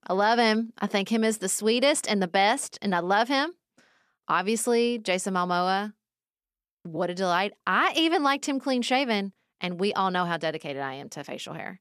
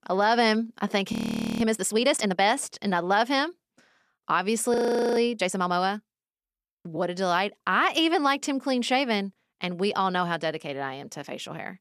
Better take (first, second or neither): first